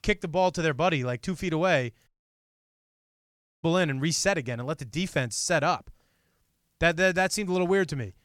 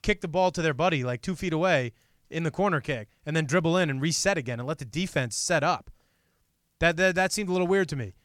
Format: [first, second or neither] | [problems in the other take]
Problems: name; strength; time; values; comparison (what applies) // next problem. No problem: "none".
second | audio cutting out; at 2 s for 1.5 s